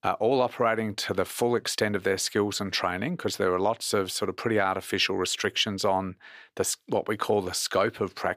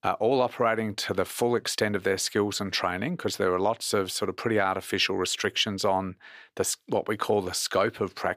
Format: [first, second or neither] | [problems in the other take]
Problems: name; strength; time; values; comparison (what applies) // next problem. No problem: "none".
neither | none